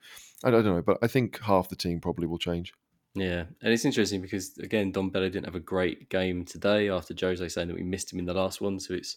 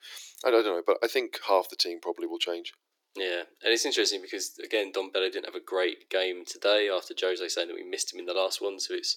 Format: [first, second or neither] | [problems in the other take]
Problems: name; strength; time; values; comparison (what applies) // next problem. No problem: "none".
first | thin; very; fading below 350 Hz